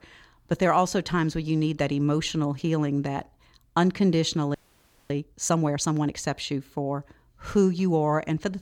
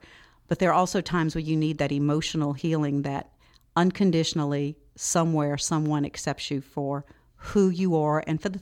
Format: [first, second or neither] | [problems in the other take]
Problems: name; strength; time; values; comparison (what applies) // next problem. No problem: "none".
second | audio freezing; at 4.5 s for 0.5 s